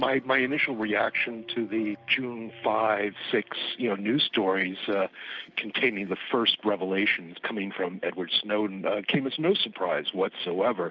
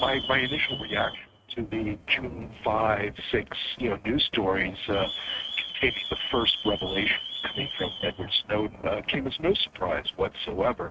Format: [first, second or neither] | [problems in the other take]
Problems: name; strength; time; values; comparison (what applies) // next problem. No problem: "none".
first | noise reduction (neural mask model RNNoise)